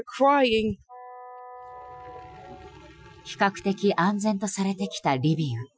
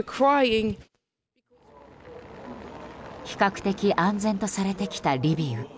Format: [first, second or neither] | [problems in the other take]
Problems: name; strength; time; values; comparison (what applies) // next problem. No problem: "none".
second | noise reduction (classical method Wiener filter)